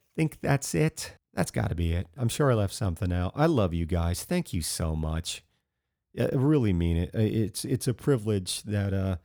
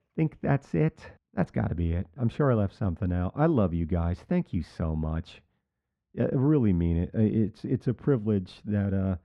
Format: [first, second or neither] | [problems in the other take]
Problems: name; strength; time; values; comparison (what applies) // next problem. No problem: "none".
first | muffled; very; fading above 2 kHz